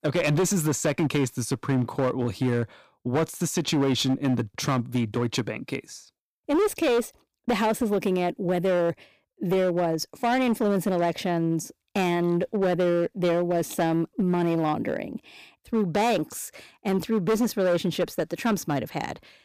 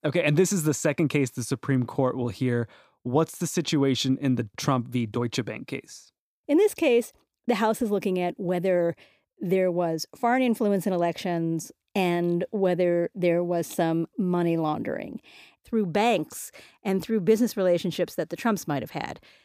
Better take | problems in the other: second | distortion; slight; 13% of the sound clipped

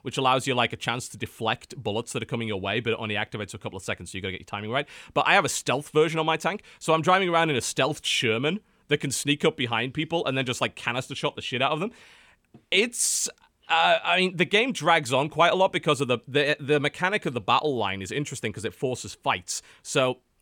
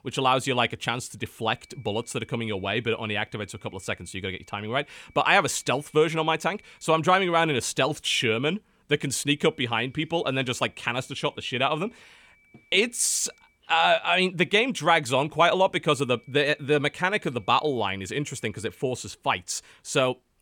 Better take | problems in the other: first | high-pitched whine; faint; from 1.5 to 7 s, from 9.5 to 14 s and from 16 to 19 s; 2.5 kHz, 30 dB below the speech

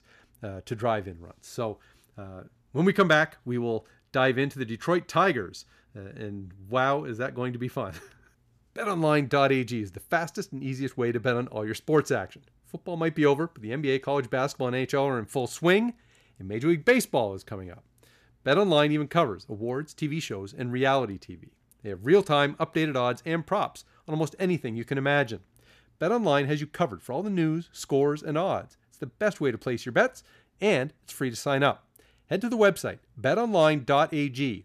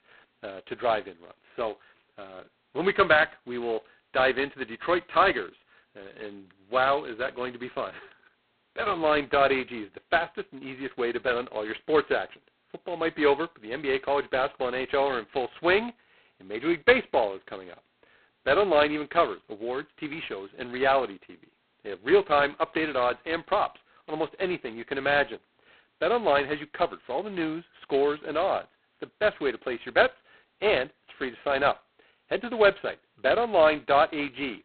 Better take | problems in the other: first | phone-call audio; poor line; nothing above 4 kHz

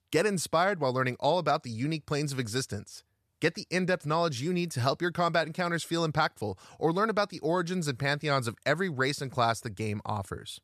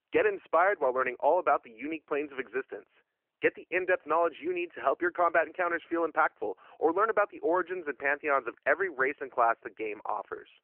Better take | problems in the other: first | phone-call audio

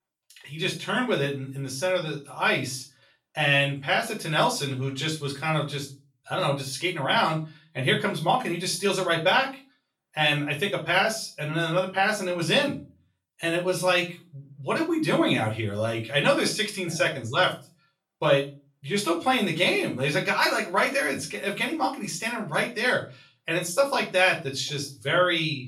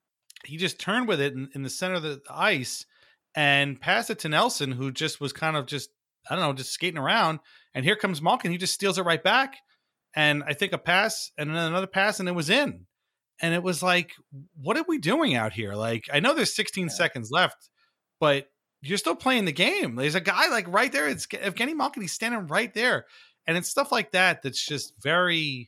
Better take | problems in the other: second | off-mic speech; far // room echo; slight; dies away in 0.3 s

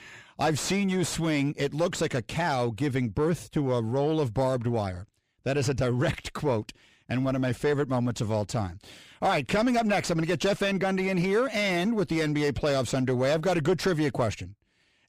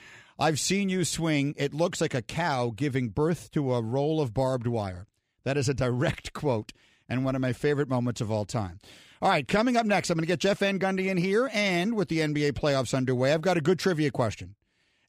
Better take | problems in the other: second | distortion; slight; 10 dB below the speech

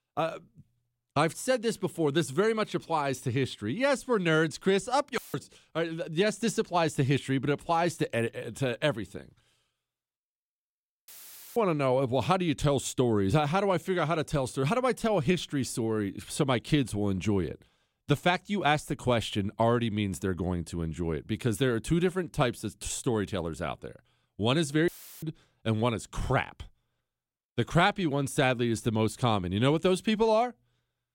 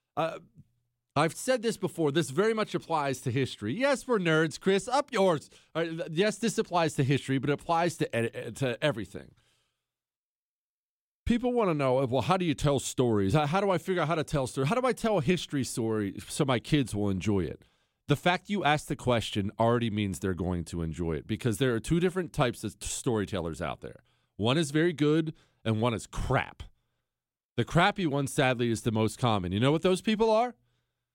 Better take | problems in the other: second | audio cutting out; filled with static; at 5 s, at 11 s and at 25 s

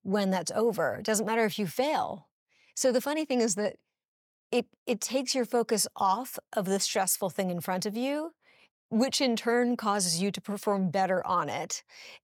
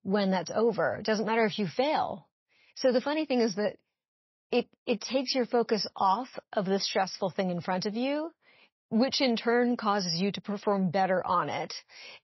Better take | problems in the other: first | garbled, watery; slightly; nothing above 5.5 kHz

